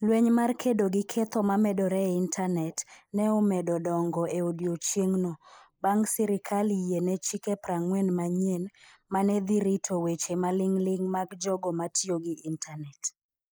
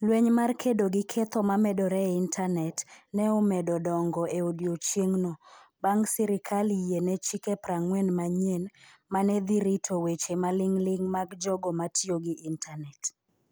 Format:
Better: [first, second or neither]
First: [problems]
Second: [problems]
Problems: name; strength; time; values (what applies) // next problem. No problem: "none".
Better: second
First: noise reduction (neural mask model Resemble Enhance denoiser)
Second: none